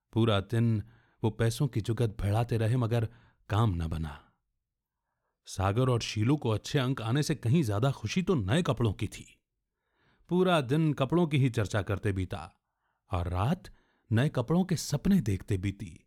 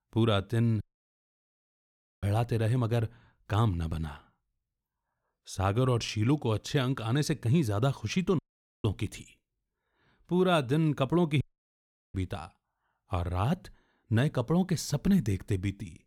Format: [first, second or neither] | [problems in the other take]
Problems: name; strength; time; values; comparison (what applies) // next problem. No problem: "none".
first | audio cutting out; at 1 s for 1.5 s, at 8.5 s and at 11 s for 0.5 s